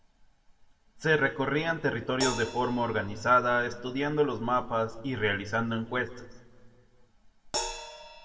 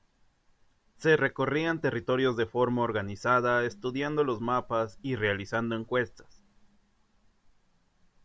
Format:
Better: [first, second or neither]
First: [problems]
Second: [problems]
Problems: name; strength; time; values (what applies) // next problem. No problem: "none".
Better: second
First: background sound (Crash cymbal); 13 dB below the speech // room echo; dies away in 0.9 s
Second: none